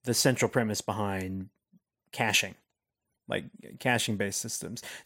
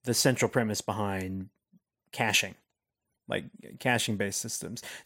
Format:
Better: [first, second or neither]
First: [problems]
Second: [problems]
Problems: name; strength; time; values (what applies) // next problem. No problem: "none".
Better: neither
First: none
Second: none